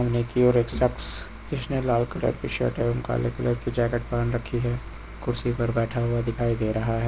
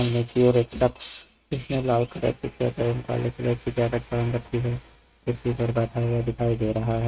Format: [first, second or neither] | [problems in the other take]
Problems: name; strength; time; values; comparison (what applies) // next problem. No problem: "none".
first | noise reduction (neural mask model RNNoise)